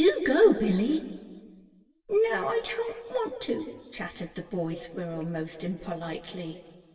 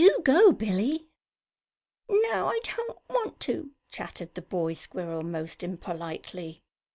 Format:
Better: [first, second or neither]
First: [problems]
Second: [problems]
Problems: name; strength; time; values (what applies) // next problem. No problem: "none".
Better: second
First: room echo; dies away in 1.9 s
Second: none